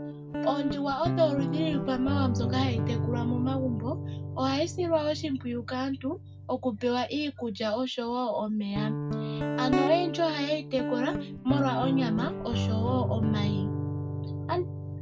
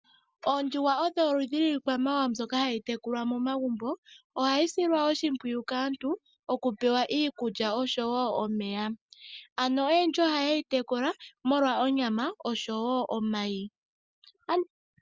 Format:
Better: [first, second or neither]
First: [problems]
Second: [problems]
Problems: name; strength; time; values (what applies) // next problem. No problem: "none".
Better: second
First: background sound (Guitar); 2 dB below the speech // room echo; dies away in 0.4 s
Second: none